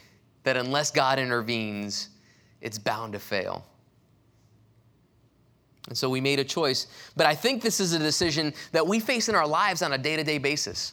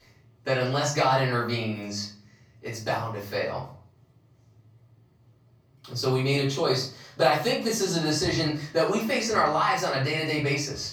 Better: first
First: none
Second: off-mic speech; far // room echo; noticeable; dies away in 0.4 s

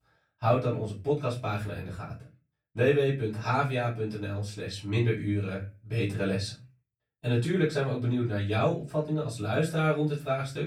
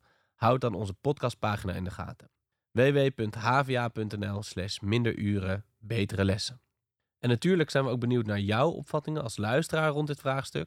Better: second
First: off-mic speech; far // room echo; slight; dies away in 0.3 s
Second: none

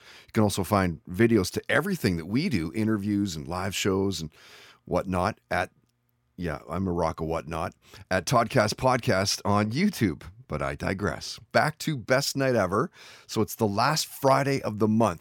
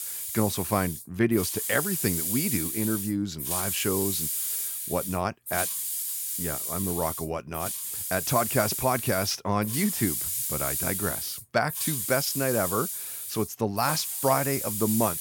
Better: first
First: none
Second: hiss; loud; throughout; as loud as the speech

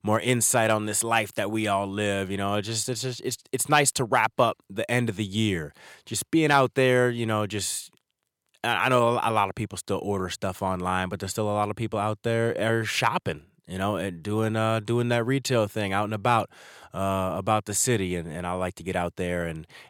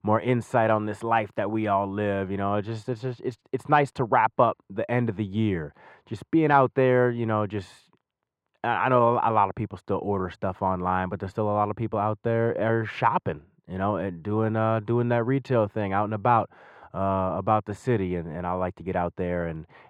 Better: first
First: none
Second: muffled; very; fading above 3.5 kHz

